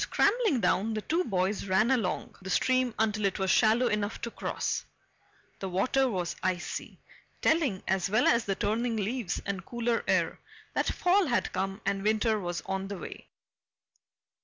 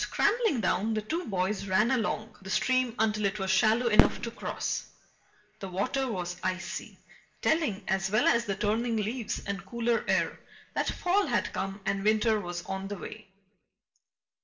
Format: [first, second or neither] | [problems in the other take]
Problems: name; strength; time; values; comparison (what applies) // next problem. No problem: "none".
first | background sound (Fireworks); 1 dB below the speech // room echo; dies away in 0.5 s